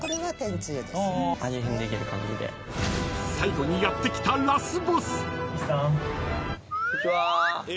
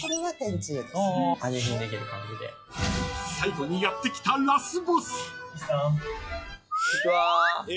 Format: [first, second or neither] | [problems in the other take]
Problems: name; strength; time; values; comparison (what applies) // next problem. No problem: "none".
first | noise reduction (classical method log-MMSE)